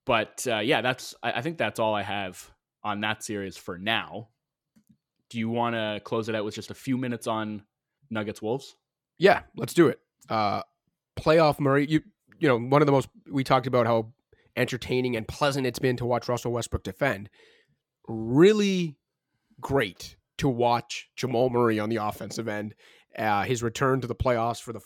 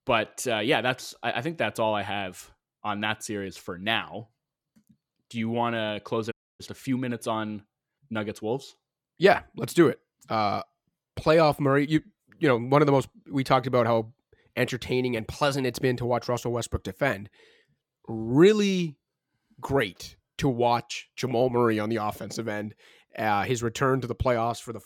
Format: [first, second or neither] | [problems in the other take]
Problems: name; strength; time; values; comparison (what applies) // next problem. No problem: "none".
first | audio cutting out; at 6.5 s